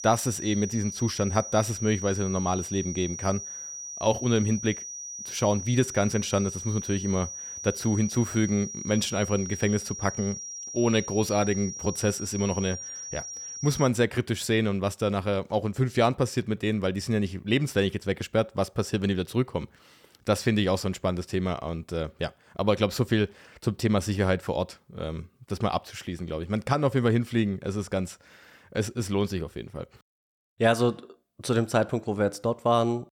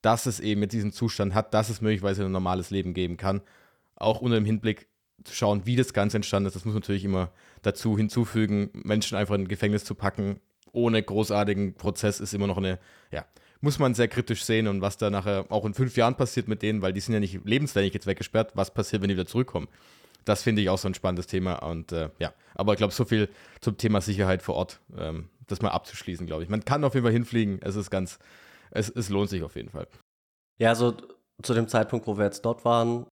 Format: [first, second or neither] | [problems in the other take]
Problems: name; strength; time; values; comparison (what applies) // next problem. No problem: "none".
second | high-pitched whine; loud; until 14 s; 6 kHz, 8 dB below the speech